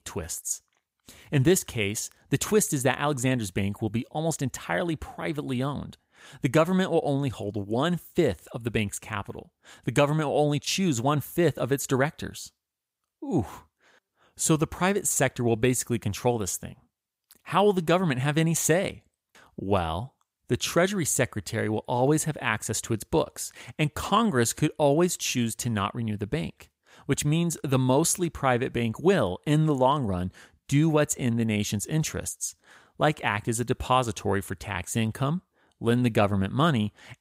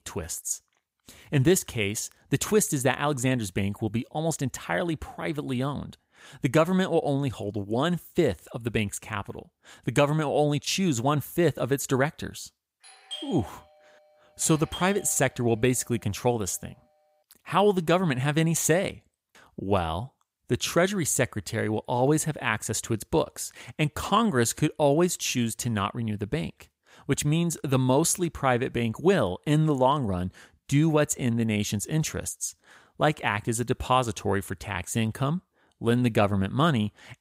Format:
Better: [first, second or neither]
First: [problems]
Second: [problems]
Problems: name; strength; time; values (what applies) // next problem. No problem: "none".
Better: first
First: none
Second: doorbell; faint; from 13 to 15 s; peak 10 dB below the speech